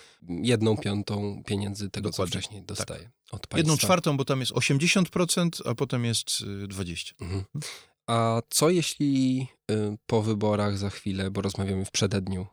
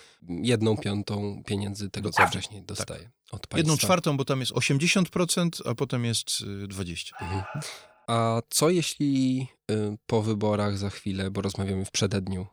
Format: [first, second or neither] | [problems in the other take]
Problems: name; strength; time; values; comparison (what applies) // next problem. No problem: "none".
first | dog barking; loud; at 2 s; peak 4 dB above the speech // alarm; faint; at 7 s; peak 10 dB below the speech